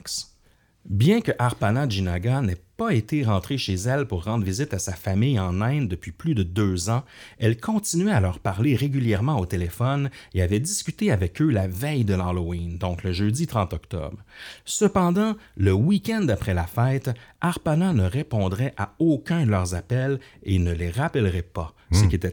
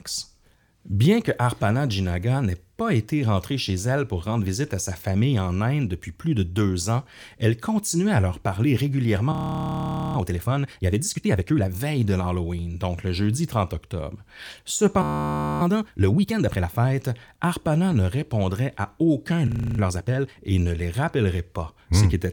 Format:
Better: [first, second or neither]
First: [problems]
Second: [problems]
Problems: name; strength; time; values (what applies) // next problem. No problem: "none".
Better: first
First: none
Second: audio freezing; at 9.5 s for 1 s, at 15 s for 0.5 s and at 19 s